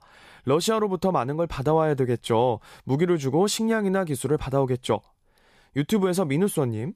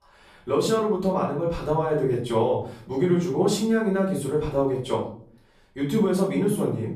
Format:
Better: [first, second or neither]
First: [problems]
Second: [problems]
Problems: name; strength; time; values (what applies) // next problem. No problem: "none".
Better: first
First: none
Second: off-mic speech; far // room echo; noticeable; dies away in 0.5 s